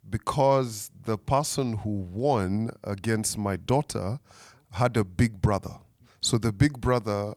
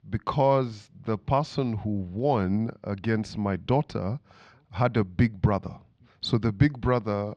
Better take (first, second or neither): first